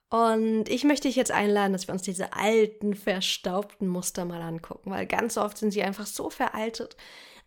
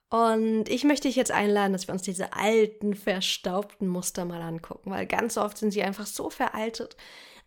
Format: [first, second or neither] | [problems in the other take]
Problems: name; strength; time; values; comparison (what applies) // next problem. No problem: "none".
neither | none